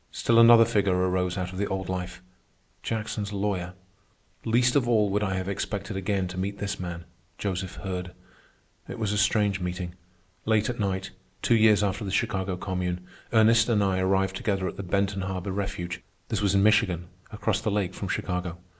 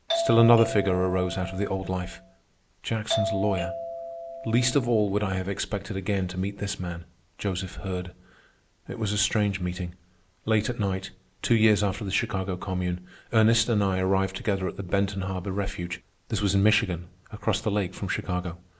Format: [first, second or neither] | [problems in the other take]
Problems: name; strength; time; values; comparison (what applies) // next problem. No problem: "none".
first | background sound (Doorbell); 6 dB below the speech